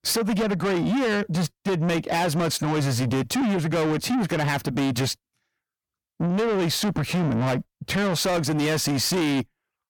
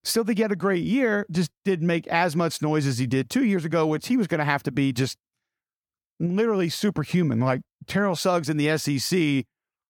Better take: second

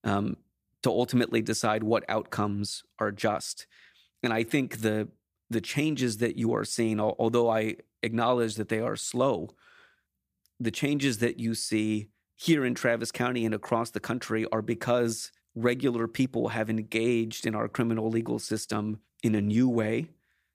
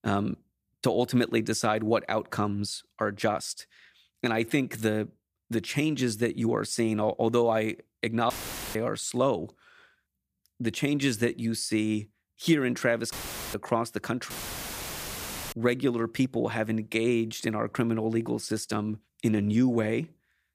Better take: first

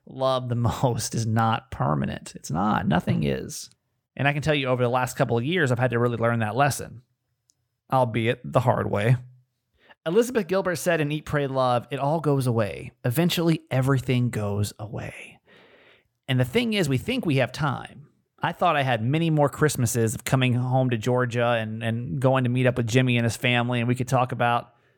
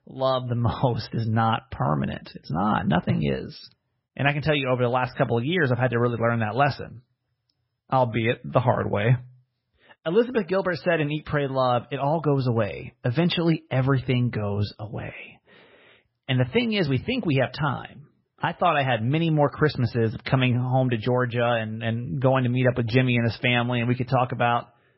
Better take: first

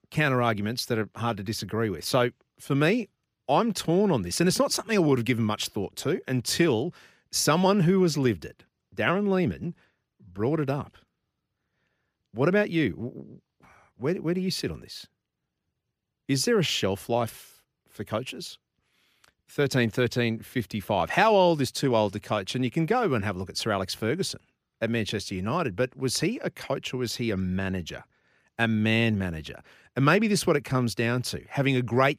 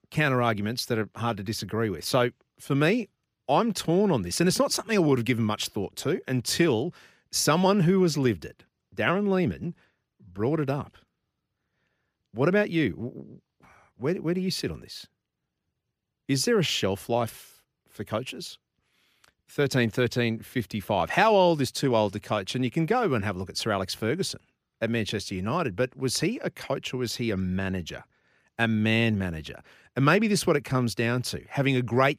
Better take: neither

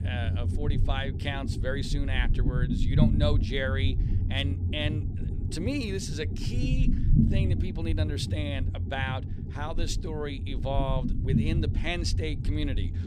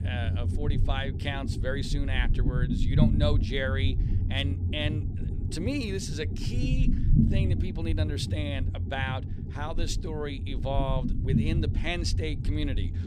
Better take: neither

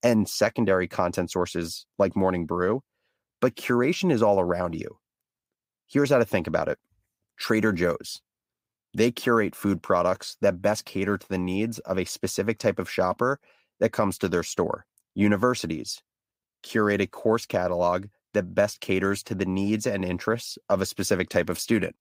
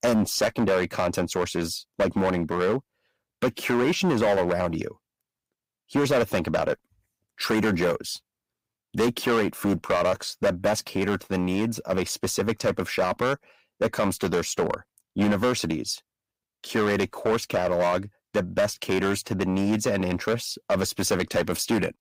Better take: first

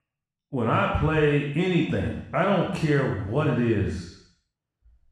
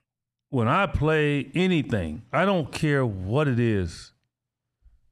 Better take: second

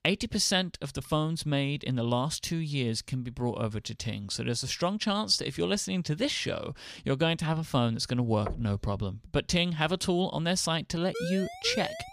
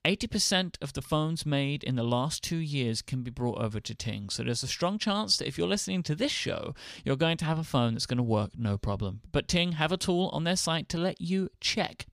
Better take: second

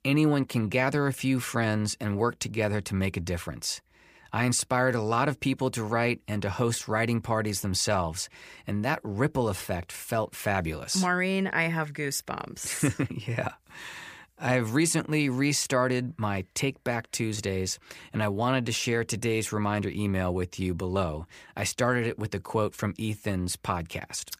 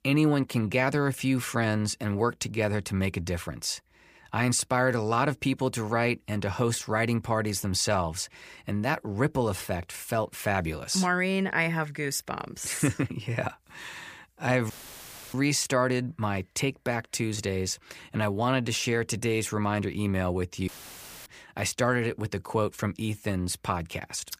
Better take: first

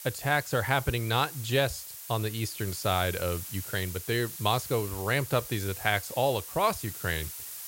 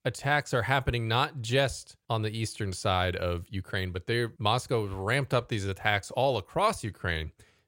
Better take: second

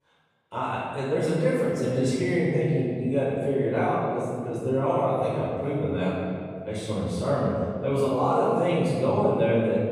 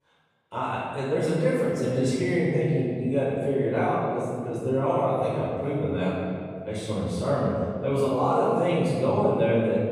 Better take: neither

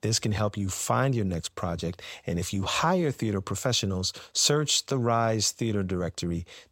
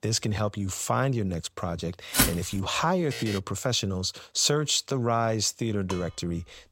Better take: first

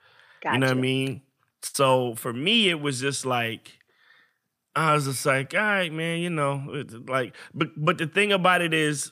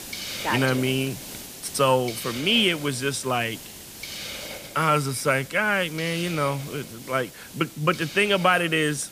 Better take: first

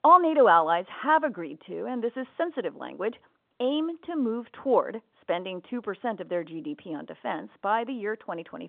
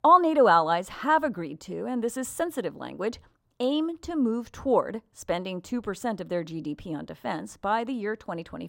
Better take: second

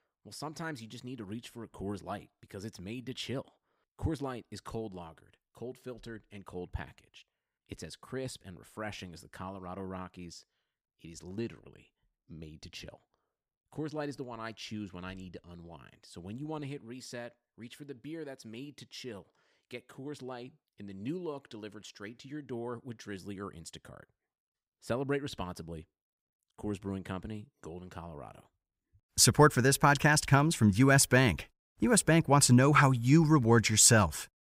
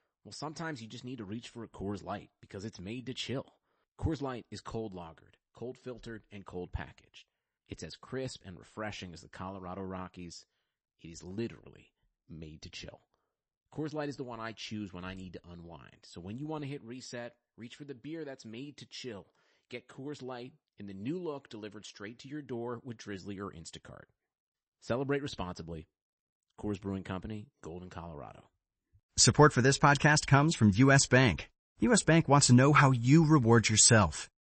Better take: first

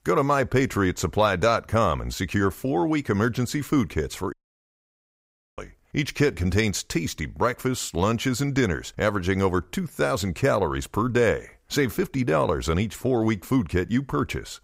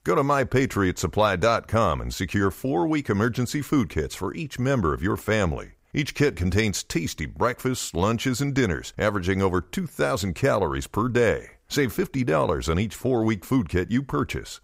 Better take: second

